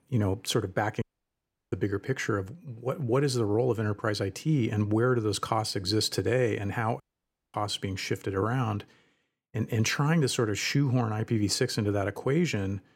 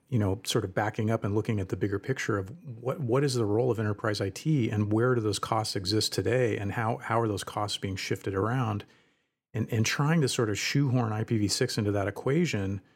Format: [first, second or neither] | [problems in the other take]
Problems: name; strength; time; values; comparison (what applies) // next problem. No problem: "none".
second | audio cutting out; at 1 s for 0.5 s and at 7 s for 0.5 s